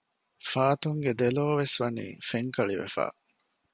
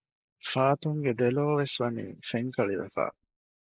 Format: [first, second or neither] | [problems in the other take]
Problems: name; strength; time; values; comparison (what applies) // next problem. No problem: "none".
first | noise reduction (neural mask model Resemble Enhance denoiser)